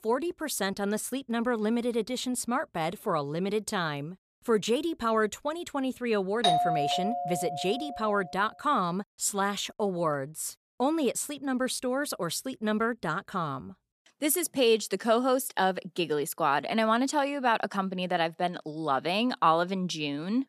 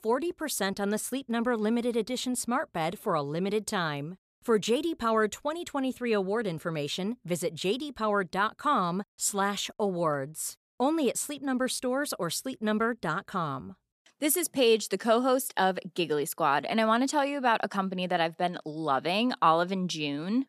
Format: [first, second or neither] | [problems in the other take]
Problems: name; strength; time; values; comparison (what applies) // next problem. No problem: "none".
second | doorbell; loud; from 6.5 to 8 s; peak 4 dB above the speech